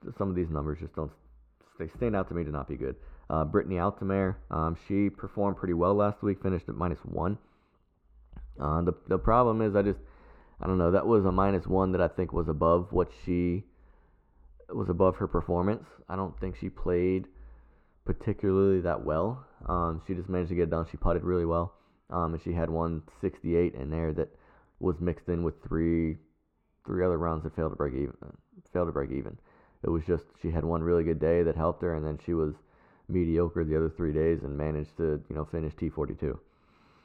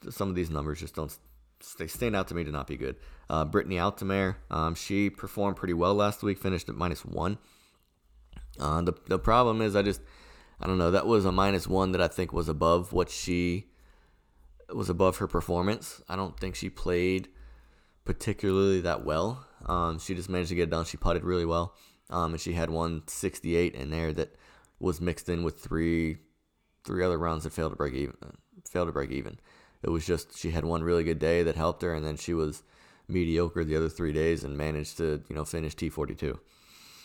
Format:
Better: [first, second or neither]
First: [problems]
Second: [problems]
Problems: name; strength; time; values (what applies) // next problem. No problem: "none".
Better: second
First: muffled; very; fading above 3.5 kHz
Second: none